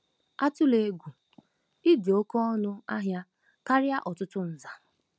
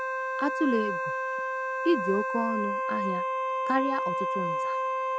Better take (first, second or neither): first